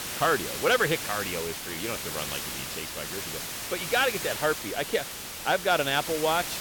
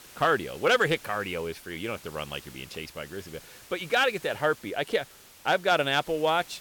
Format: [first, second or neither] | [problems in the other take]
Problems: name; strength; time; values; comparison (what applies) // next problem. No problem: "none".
second | hiss; loud; throughout; 5 dB below the speech; faint in the second